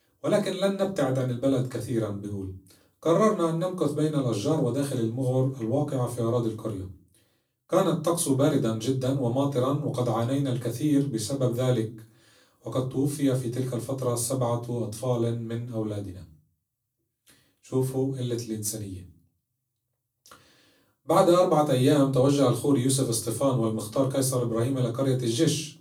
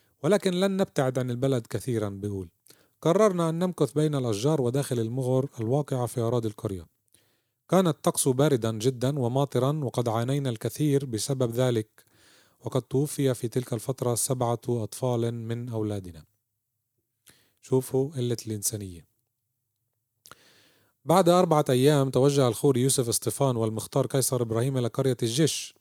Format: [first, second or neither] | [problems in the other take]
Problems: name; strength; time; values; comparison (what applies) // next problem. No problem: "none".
second | off-mic speech; far // room echo; very slight; dies away in 0.3 s